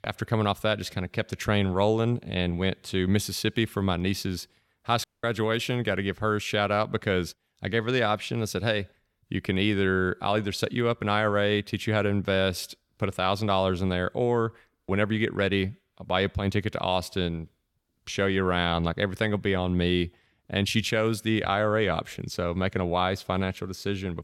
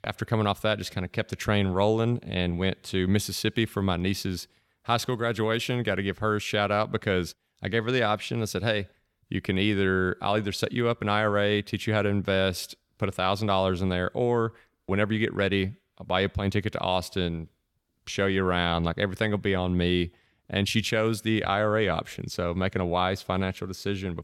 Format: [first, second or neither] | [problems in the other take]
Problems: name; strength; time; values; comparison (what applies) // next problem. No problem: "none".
second | audio cutting out; at 5 s